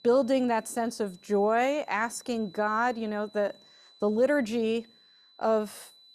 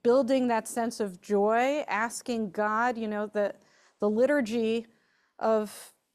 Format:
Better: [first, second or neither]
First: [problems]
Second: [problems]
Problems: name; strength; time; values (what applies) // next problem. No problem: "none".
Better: second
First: high-pitched whine; faint; throughout; 4 kHz, 30 dB below the speech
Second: none